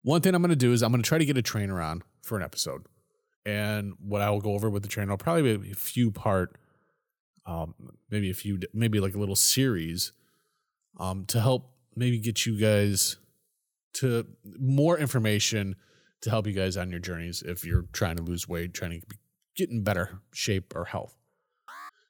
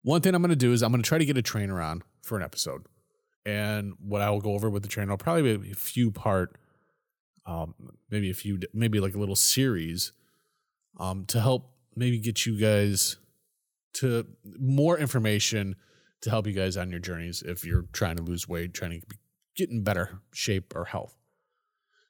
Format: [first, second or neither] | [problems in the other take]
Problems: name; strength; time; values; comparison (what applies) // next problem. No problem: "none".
second | alarm; faint; at 22 s; peak 15 dB below the speech